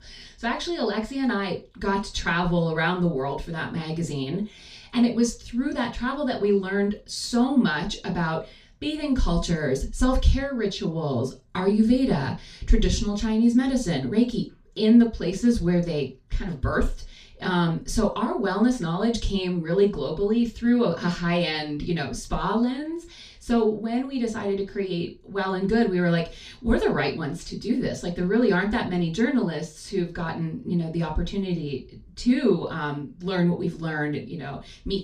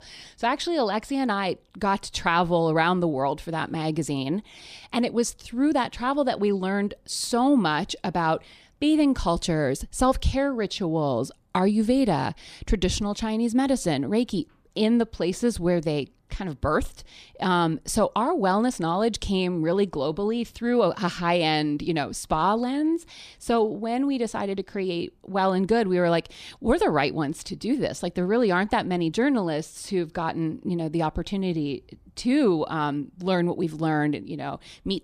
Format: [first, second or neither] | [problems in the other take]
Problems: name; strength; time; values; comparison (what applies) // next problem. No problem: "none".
second | room echo; very slight; dies away in 0.2 s // off-mic speech; far